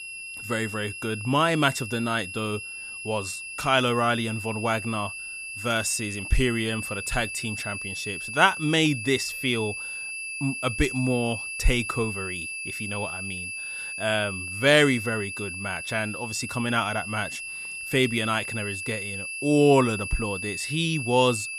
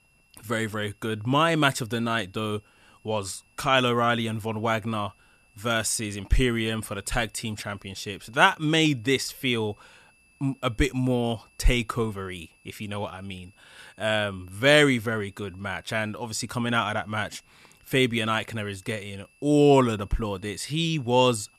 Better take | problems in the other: second | high-pitched whine; loud; throughout; 2.5 kHz, 6 dB below the speech; faint in the second

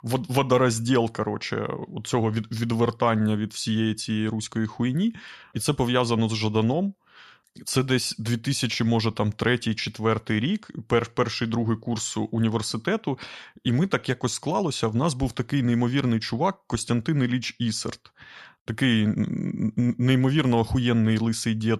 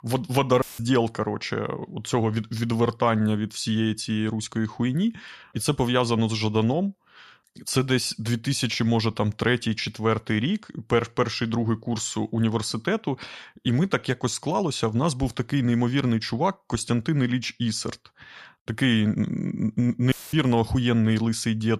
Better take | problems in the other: first | audio cutting out; filled with static; at 0.5 s and at 20 s

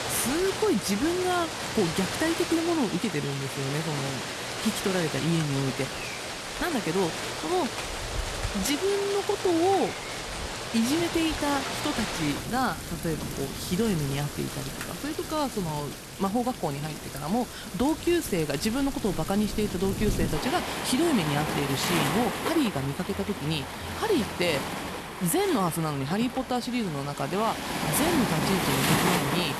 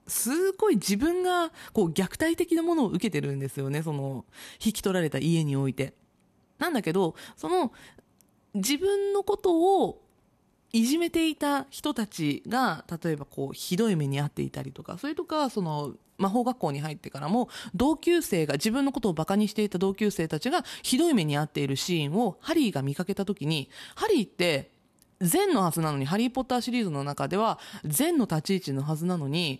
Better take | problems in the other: second | rain or running water; loud; throughout; 3 dB below the speech

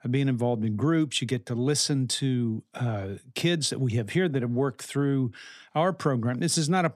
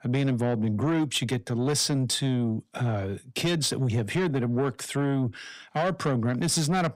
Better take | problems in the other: first | distortion; slight; 10 dB below the speech

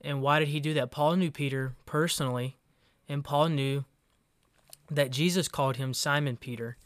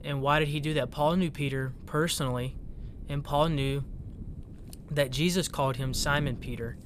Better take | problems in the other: first | wind noise on the microphone; occasional gusts; 25 dB below the speech

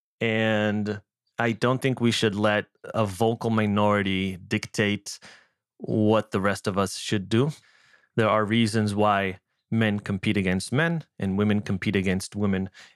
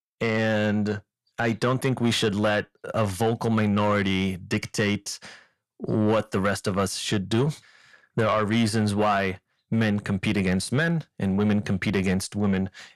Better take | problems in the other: first | distortion; slight; 10 dB below the speech

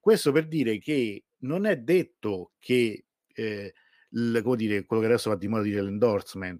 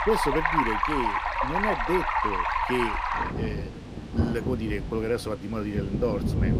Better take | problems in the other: first | rain or running water; very loud; throughout; 3 dB above the speech

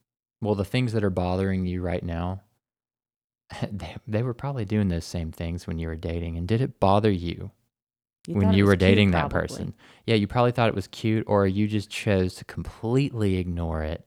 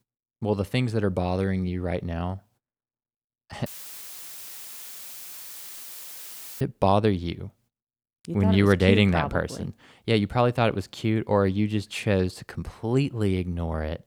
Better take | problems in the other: first | audio cutting out; filled with static; at 3.5 s for 3 s

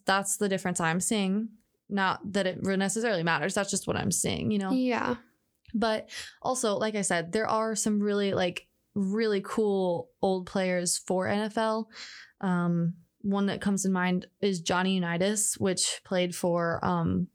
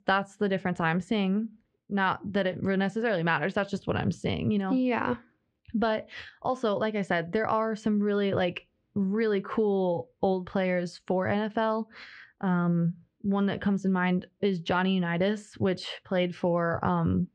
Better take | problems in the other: first | muffled; very; fading above 3 kHz

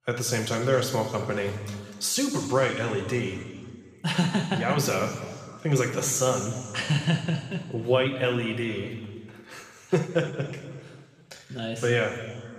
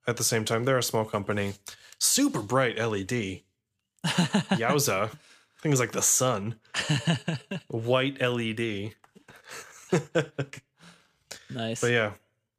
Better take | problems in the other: second | room echo; noticeable; dies away in 1.9 s // off-mic speech; somewhat distant

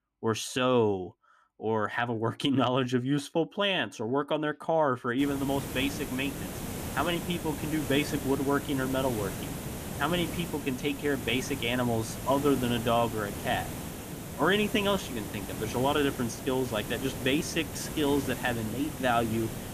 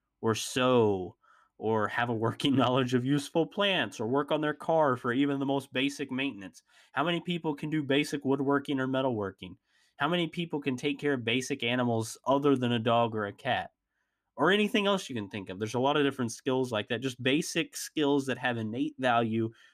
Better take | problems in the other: second | hiss; loud; from 5 s on; 8 dB below the speech

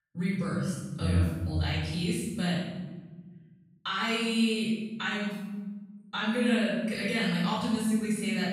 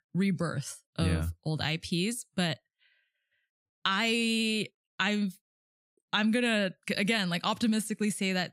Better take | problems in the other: second | room echo; strong; dies away in 1.3 s // off-mic speech; far

